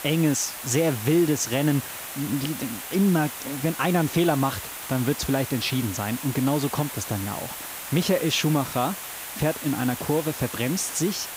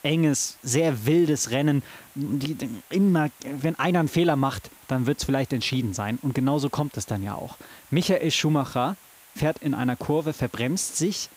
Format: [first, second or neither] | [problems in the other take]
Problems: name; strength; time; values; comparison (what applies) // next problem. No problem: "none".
second | hiss; loud; throughout; 8 dB below the speech; faint in the second